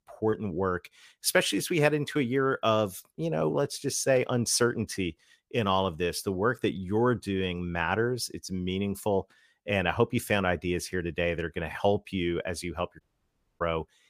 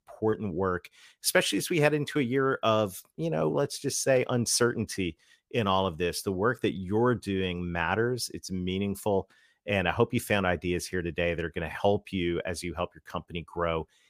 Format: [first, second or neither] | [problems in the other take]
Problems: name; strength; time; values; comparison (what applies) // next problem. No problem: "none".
second | audio cutting out; at 13 s for 0.5 s